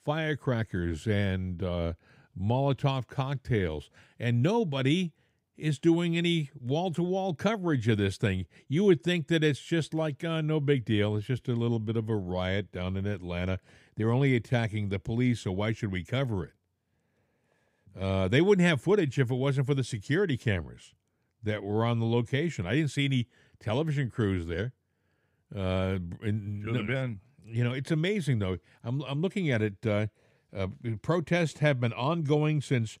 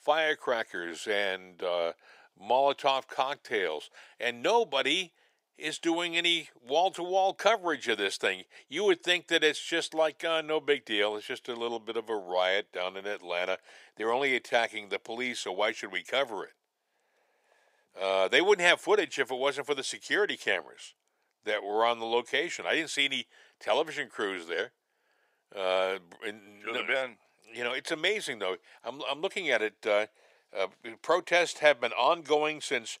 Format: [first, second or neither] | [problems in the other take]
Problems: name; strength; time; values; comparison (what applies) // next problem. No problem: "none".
first | thin; very; fading below 500 Hz